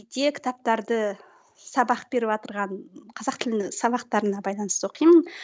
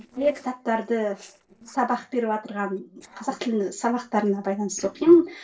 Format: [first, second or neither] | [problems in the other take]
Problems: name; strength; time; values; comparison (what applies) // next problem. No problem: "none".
first | noise reduction (neural separator model SepFormer DNS4)